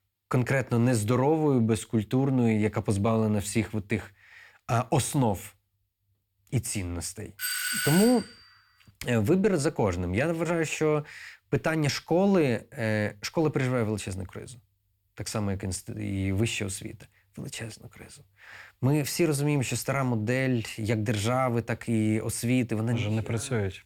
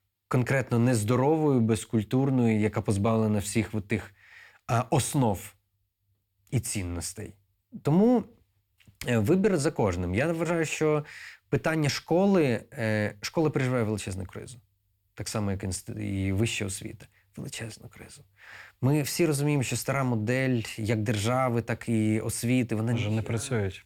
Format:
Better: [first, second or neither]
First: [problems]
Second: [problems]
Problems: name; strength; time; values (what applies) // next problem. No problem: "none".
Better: second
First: doorbell; loud; at 7.5 s; peak level with the speech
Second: none